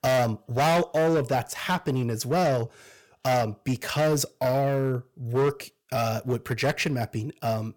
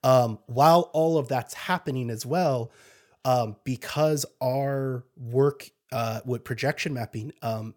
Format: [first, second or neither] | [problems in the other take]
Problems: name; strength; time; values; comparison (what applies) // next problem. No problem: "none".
second | distortion; heavy; 11% of the sound clipped